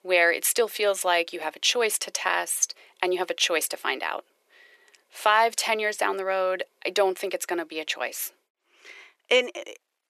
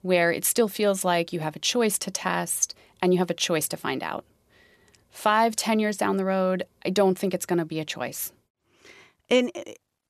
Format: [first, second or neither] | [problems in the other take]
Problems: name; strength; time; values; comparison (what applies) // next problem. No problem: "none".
second | thin; very; fading below 350 Hz